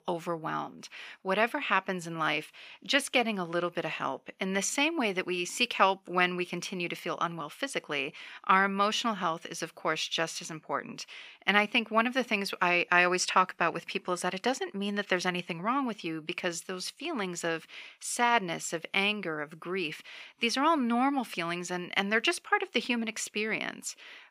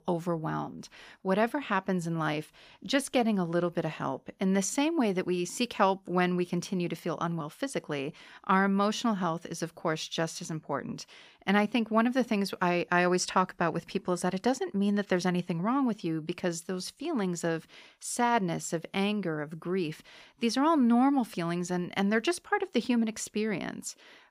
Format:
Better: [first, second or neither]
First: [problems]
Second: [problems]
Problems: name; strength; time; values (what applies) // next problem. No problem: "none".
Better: second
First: thin; very slightly; fading below 400 Hz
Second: none